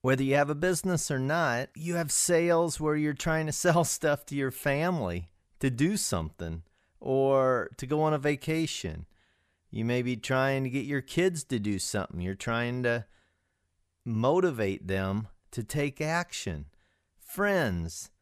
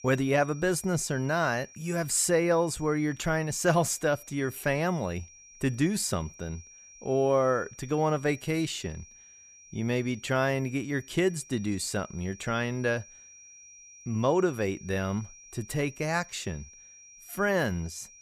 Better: first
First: none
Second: high-pitched whine; faint; throughout; 5.5 kHz, 20 dB below the speech

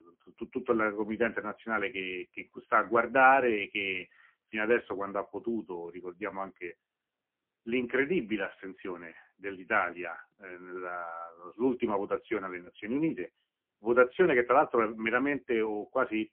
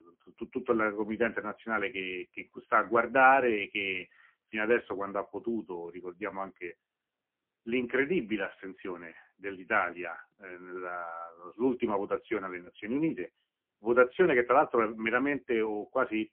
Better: neither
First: phone-call audio; poor line; nothing above 3 kHz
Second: phone-call audio; poor line; nothing above 3 kHz

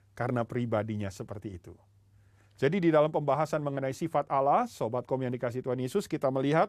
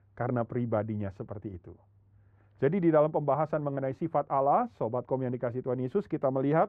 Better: first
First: none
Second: muffled; very; fading above 3.5 kHz

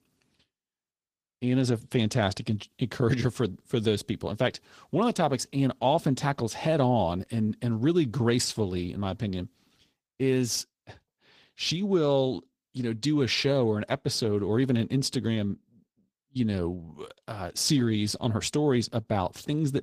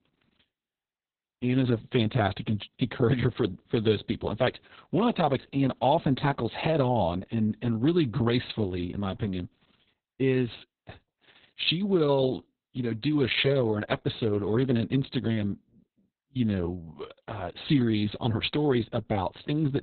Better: first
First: garbled, watery; slightly; nothing above 15 kHz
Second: garbled, watery; badly; nothing above 4 kHz

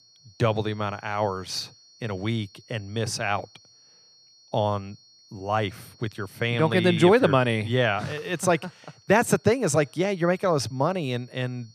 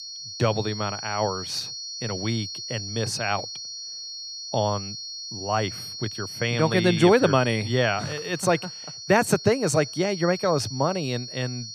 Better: first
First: high-pitched whine; faint; throughout; 4.5 kHz, 30 dB below the speech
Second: high-pitched whine; loud; throughout; 4.5 kHz, 9 dB below the speech

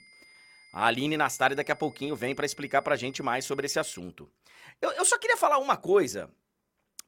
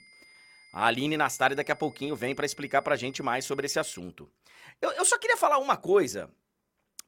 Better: neither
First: high-pitched whine; faint; until 4 s; 2 kHz, 25 dB below the speech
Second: high-pitched whine; faint; until 4 s; 2 kHz, 25 dB below the speech

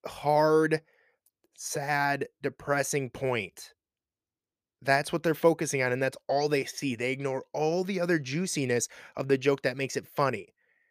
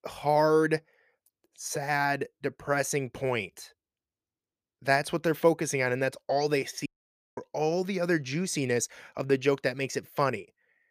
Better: first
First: none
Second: audio cutting out; at 7 s for 0.5 s

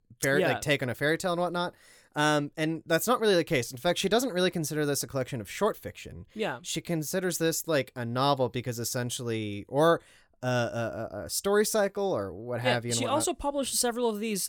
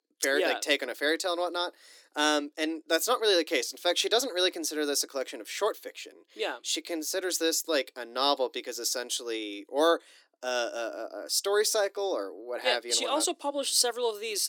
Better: first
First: none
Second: thin; somewhat; fading below 300 Hz

